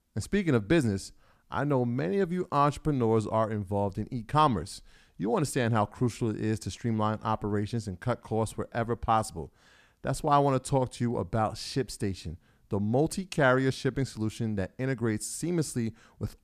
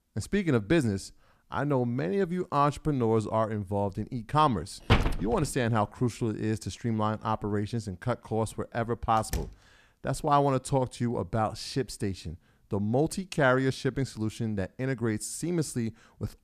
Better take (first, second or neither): first